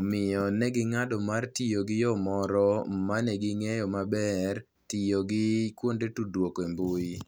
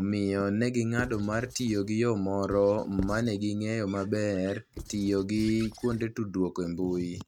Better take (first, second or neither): first